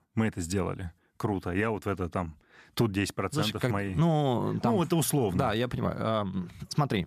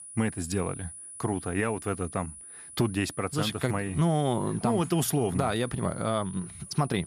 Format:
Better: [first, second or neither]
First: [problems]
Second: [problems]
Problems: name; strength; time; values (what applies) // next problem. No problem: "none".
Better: first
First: none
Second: high-pitched whine; noticeable; throughout; 10 kHz, 15 dB below the speech